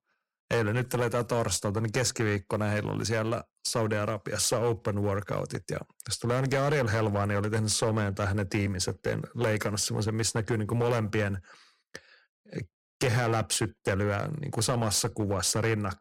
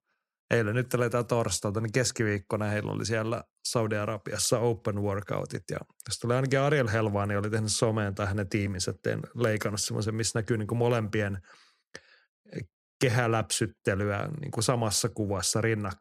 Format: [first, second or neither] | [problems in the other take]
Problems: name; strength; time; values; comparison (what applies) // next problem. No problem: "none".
second | distortion; slight; 5% of the sound clipped